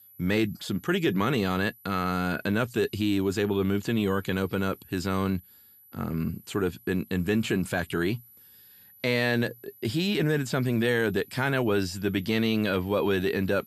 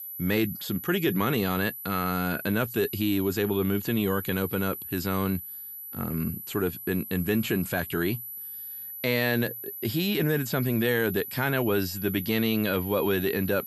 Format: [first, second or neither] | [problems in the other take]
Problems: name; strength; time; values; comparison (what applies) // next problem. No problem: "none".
first | high-pitched whine; loud; throughout; 12 kHz, 9 dB below the speech; faint in the first